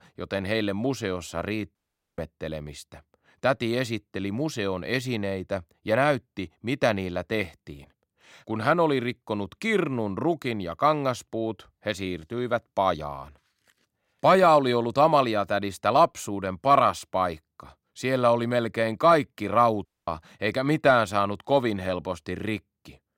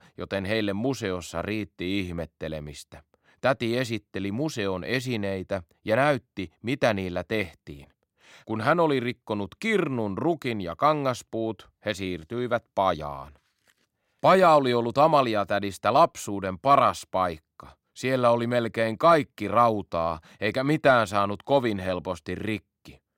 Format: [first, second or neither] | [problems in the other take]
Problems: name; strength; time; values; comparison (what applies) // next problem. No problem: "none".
second | audio cutting out; at 2 s and at 20 s